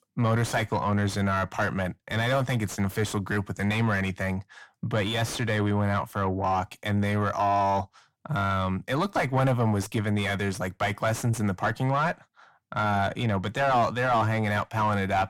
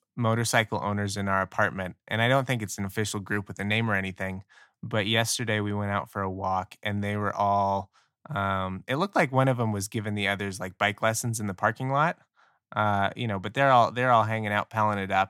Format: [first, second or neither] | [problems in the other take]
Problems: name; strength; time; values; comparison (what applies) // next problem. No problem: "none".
second | distortion; heavy; 5 dB below the speech